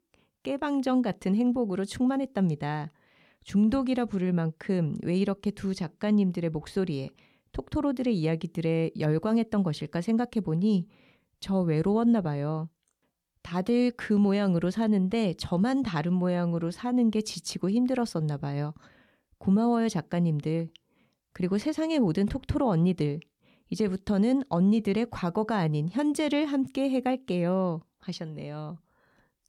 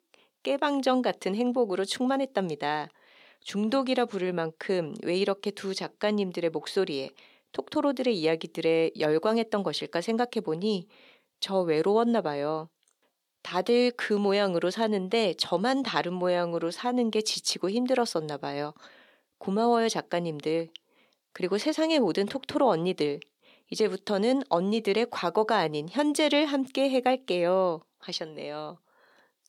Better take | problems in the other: first | thin; somewhat; fading below 450 Hz

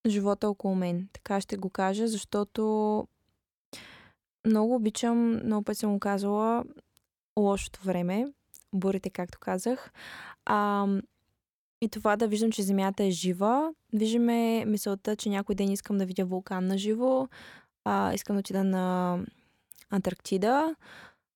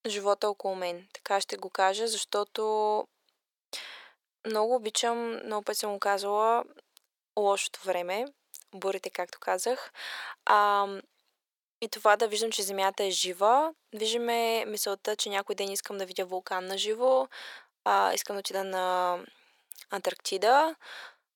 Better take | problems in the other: first | thin; very; fading below 500 Hz

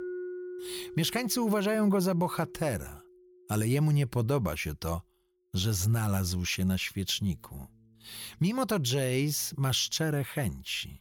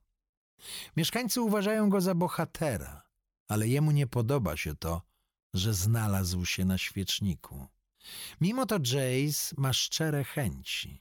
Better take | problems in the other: second | background music; noticeable; throughout; 15 dB below the speech

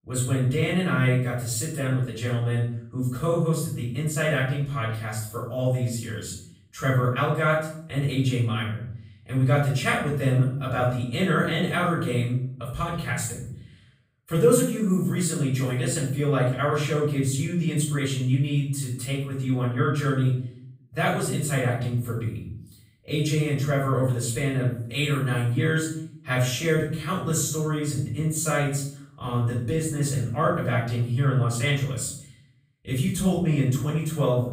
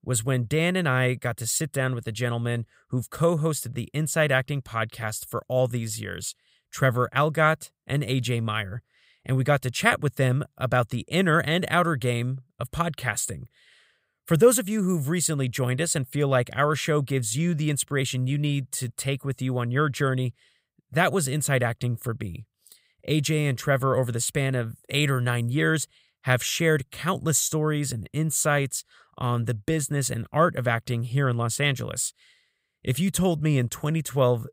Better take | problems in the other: second | off-mic speech; far // room echo; noticeable; dies away in 0.6 s

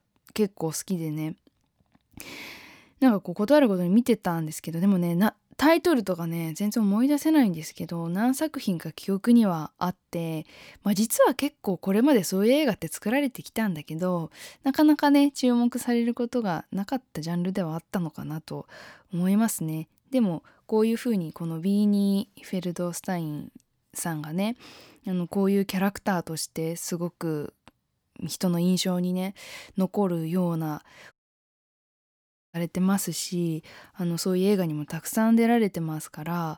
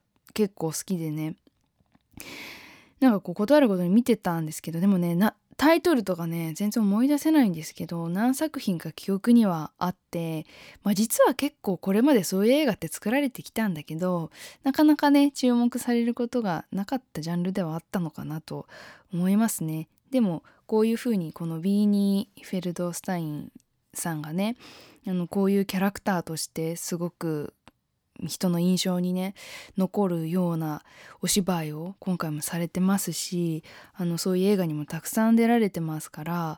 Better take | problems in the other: second | audio cutting out; at 31 s for 1.5 s

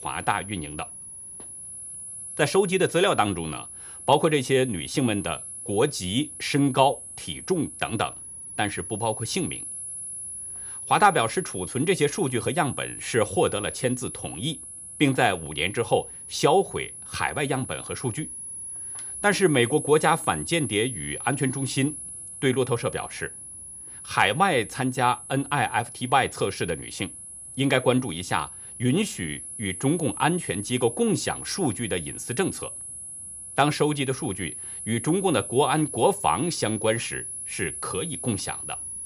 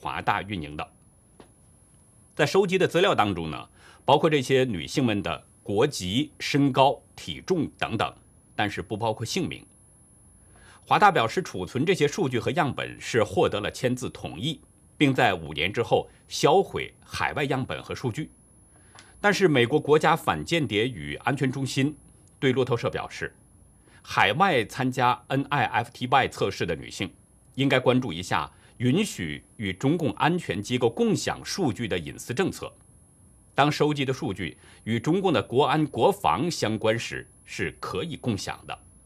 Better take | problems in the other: second | high-pitched whine; loud; throughout; 10.5 kHz, 9 dB below the speech; faint in the second

